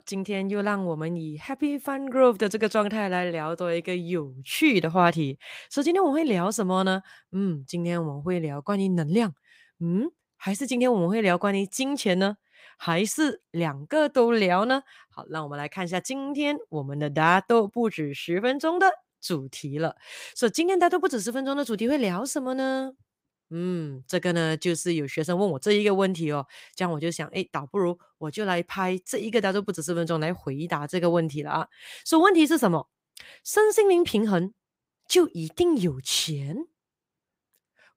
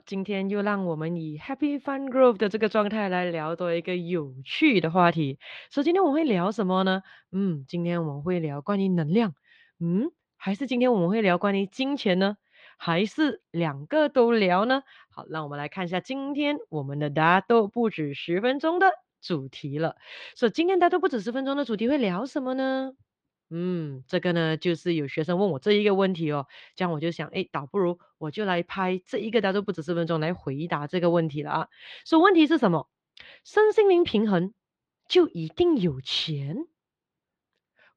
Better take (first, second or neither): first